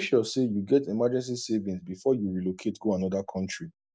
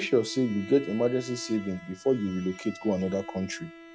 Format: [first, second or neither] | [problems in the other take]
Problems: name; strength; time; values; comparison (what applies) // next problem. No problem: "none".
first | background sound (Bowed string instrument); 16 dB below the speech